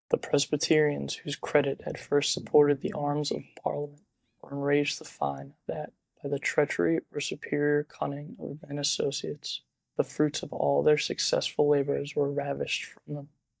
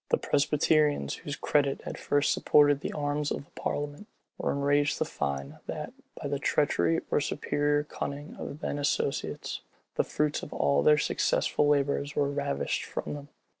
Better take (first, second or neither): second